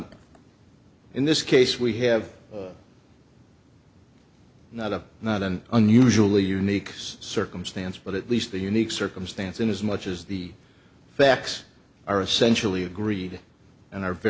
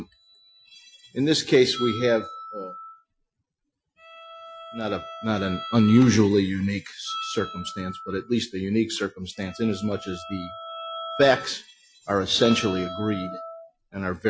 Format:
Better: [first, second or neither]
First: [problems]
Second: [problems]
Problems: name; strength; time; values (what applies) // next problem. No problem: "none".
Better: first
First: none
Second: noise reduction (classical method Wiener filter)